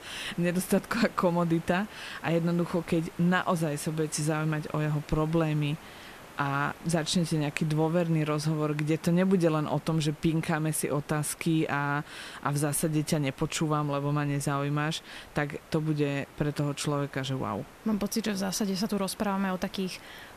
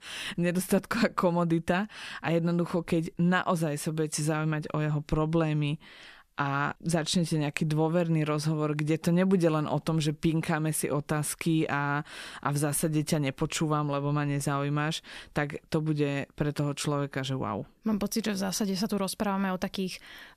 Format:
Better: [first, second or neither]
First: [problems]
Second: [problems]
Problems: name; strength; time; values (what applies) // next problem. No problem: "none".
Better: second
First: hiss; faint; throughout; 20 dB below the speech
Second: none